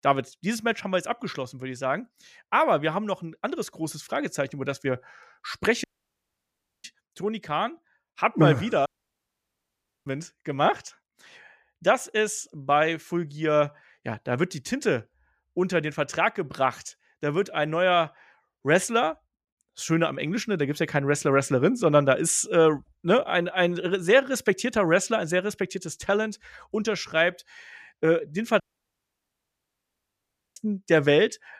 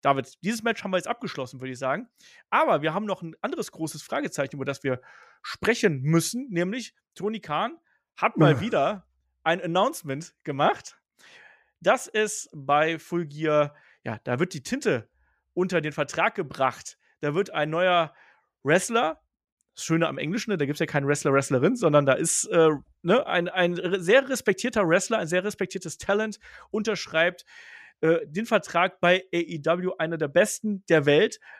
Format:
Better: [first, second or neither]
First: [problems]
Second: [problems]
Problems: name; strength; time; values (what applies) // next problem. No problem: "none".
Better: second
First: audio cutting out; at 6 s for 1 s, at 9 s for 1 s and at 29 s for 2 s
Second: none